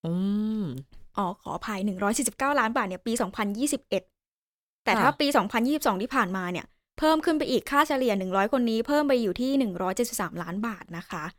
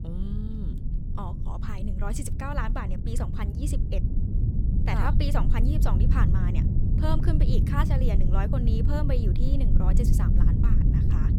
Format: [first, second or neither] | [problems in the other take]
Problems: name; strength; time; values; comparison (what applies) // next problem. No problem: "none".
first | low rumble; loud; throughout; 3 dB below the speech